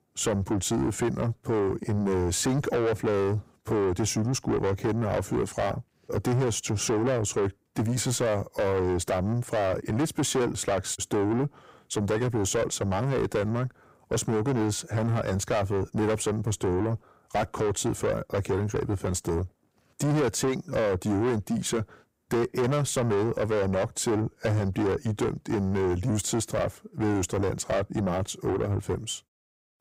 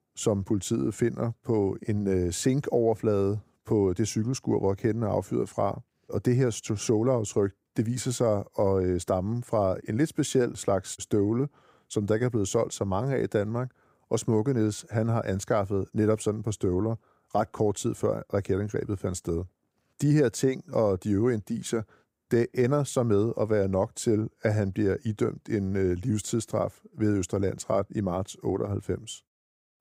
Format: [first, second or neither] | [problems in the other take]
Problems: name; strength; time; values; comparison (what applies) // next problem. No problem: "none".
second | distortion; heavy; 7 dB below the speech